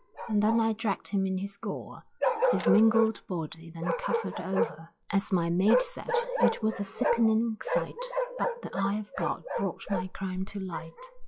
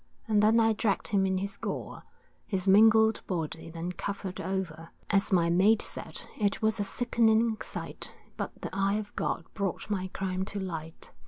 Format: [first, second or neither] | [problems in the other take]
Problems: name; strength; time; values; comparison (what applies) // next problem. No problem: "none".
second | noise reduction (classical method log-MMSE)